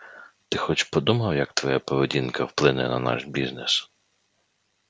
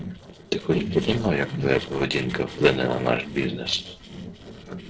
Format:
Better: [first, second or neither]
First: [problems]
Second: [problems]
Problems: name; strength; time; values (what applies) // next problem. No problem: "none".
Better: first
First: none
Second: noise reduction (neural separator model SepFormer DNS4)